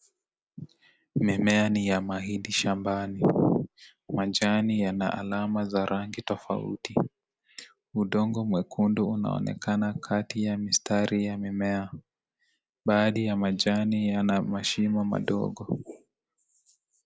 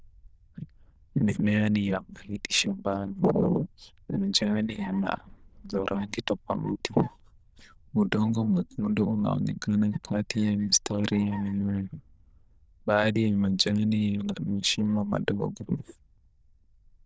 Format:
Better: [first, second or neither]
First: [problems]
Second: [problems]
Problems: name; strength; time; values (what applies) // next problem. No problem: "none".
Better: first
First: none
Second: noise reduction (neural diffusion model UNIVERSE++)